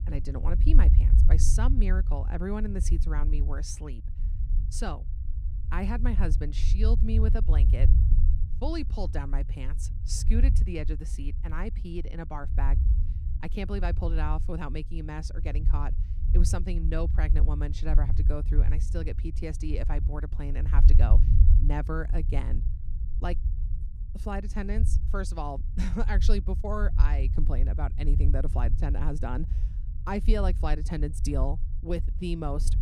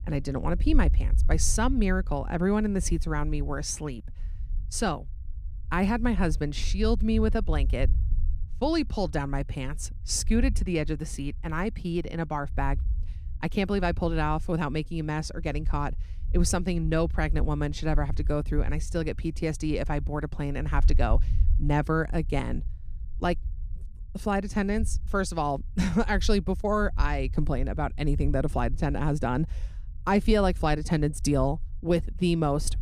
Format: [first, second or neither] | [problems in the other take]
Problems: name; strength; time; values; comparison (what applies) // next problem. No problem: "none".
second | low rumble; loud; throughout; 9 dB below the speech; faint in the second